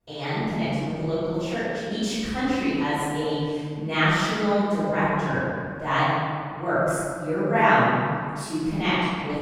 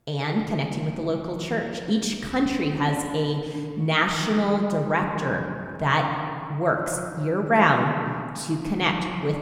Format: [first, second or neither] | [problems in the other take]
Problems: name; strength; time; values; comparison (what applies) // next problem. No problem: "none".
second | room echo; strong; dies away in 1.8 s; slight in the second // off-mic speech; far